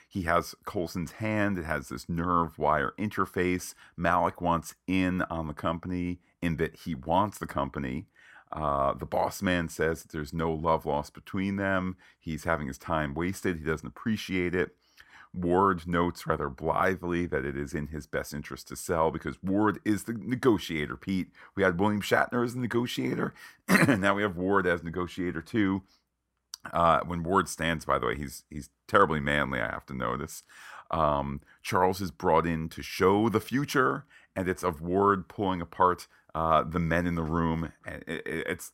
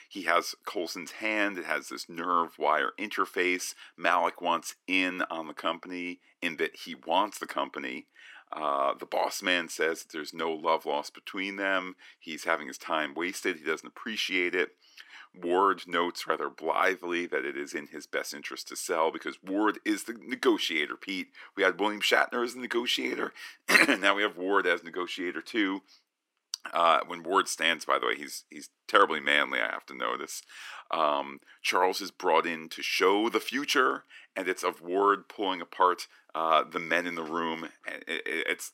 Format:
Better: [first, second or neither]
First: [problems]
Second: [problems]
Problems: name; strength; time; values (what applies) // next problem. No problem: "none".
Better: first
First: none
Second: thin; somewhat; fading below 300 Hz